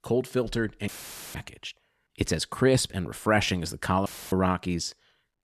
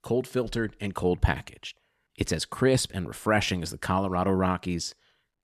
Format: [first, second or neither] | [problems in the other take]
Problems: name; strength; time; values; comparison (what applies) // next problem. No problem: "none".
second | audio cutting out; filled with static; at 1 s and at 4 s